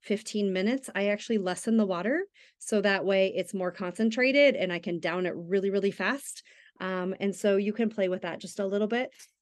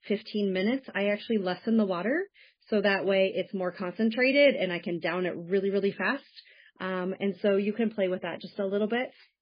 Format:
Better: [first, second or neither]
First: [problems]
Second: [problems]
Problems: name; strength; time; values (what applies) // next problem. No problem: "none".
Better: first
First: none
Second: garbled, watery; badly; nothing above 4.5 kHz